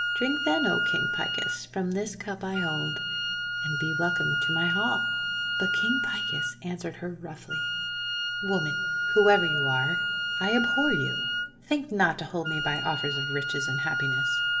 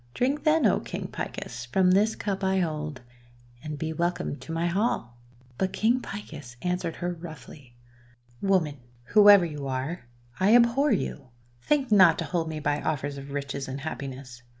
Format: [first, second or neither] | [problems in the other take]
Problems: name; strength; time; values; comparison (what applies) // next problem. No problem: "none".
second | background sound (Wind instrument, woodwind instrument); 2 dB above the speech // room echo; dies away in 2.6 s